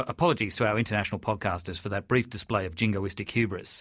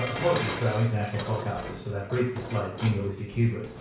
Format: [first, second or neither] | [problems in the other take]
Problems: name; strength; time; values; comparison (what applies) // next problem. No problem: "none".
first | background sound (Dishes, pots, and pans); 10 dB below the speech // room echo; dies away in 0.6 s